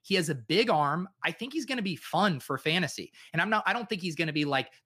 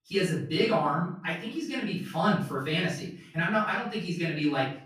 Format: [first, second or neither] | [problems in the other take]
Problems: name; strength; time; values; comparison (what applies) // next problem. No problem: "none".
first | room echo; noticeable; dies away in 0.5 s // off-mic speech; far